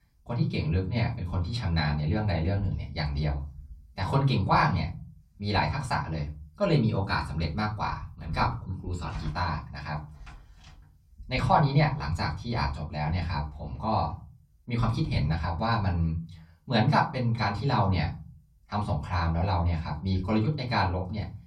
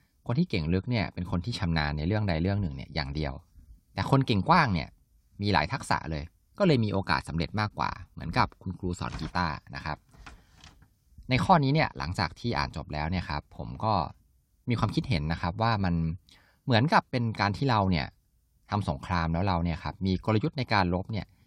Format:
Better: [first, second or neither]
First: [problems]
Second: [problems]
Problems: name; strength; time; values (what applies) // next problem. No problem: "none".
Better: second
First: off-mic speech; far // room echo; very slight; dies away in 0.4 s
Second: none